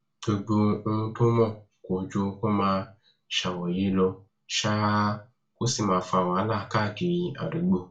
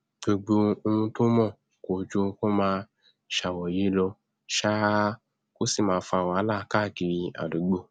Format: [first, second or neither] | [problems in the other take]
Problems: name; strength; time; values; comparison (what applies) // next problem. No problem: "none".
second | room echo; dies away in 0.3 s